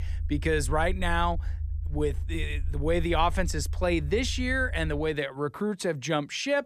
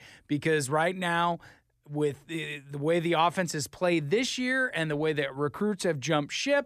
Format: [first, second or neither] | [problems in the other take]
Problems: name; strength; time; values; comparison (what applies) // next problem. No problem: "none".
second | low rumble; faint; until 5 s; 25 dB below the speech